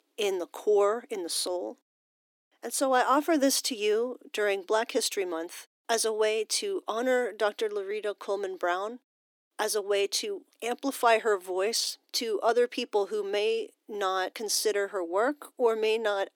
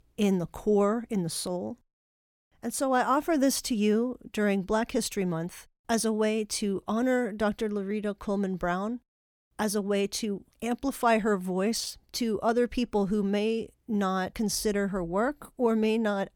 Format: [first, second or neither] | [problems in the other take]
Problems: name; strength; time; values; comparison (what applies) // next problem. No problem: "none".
second | thin; somewhat; fading below 300 Hz